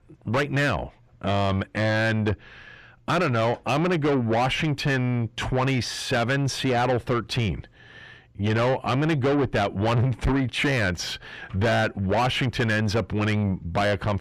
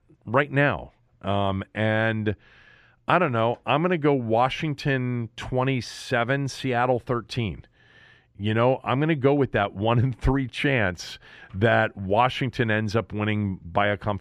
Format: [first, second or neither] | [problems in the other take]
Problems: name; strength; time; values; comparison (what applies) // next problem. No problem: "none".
second | distortion; heavy; 5 dB below the speech